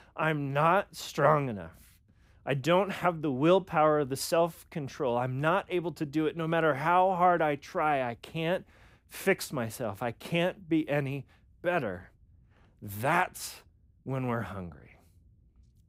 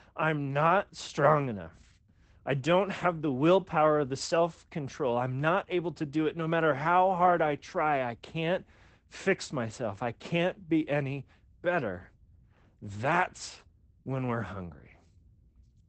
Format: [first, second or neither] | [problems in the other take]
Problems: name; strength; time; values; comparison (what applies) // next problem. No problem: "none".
first | garbled, watery; badly; nothing above 8 kHz